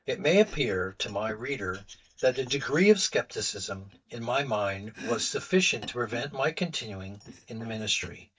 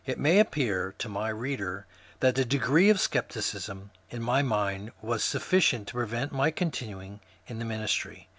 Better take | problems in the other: second | noise reduction (neural mask model DeepFilterNet 3)

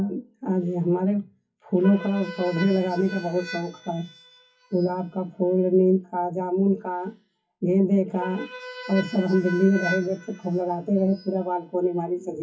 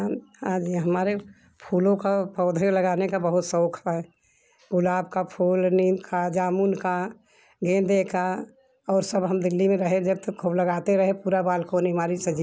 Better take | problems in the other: second | noise reduction (classical method WPE with log-MMSE)

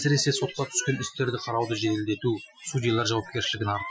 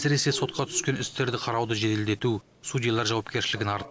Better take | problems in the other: second | noise reduction (classical method Wiener filter)

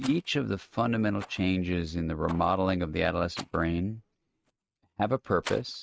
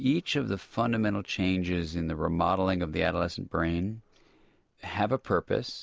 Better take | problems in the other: second | noise reduction (neural mask model RNNoise)

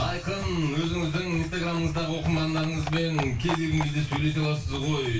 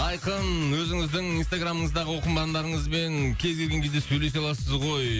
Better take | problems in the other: second | background sound (Livestock, farm animals, working animals); 14 dB below the speech // room echo; dies away in 0.3 s

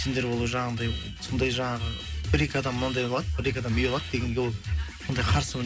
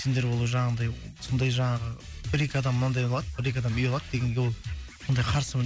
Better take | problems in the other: second | background sound (Alarm); 18 dB below the speech // room echo; dies away in 0.3 s

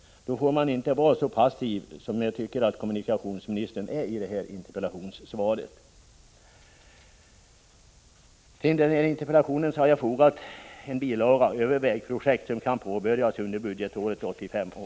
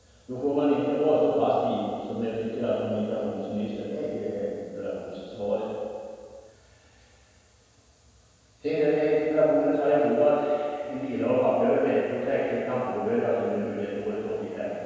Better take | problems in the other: first | room echo; dies away in 1.9 s

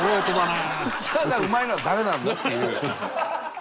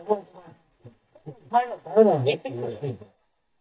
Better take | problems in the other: first | noise reduction (neural mask model DeepFilterNet 3)

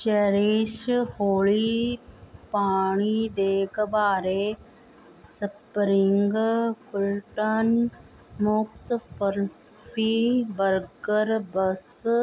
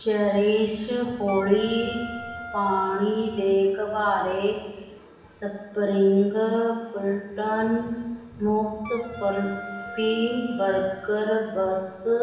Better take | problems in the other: first | background sound (Wind instrument, woodwind instrument); 15 dB below the speech // room echo; dies away in 1.3 s

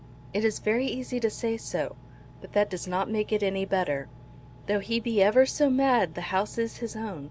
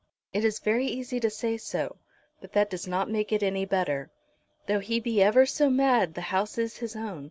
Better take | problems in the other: second | background sound (Engine); 20 dB below the speech

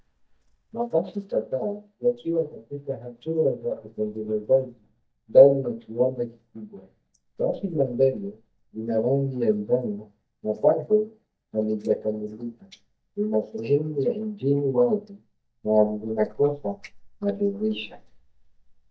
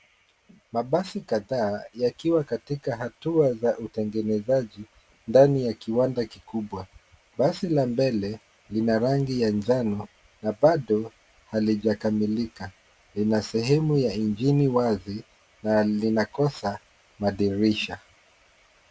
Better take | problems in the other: second | noise reduction (neural mask model DeepFilterNet 3)

